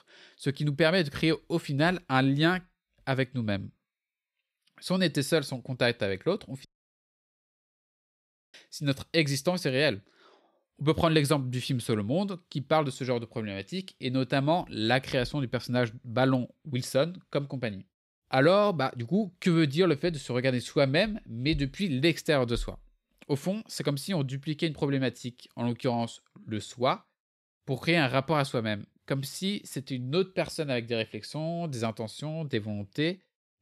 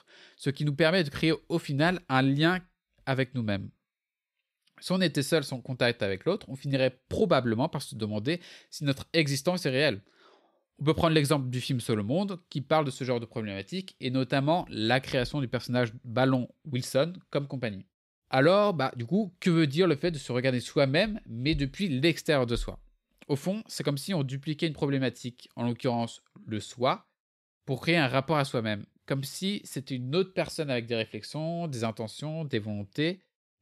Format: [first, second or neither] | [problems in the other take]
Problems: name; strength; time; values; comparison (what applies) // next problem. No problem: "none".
second | audio cutting out; at 6.5 s for 2 s